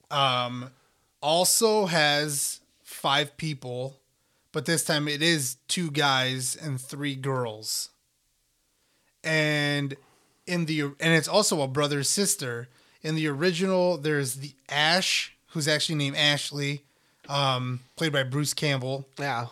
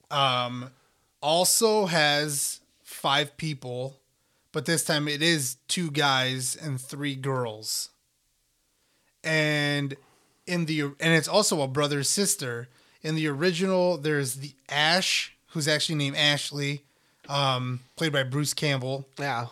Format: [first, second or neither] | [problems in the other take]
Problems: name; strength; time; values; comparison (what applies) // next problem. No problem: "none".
neither | none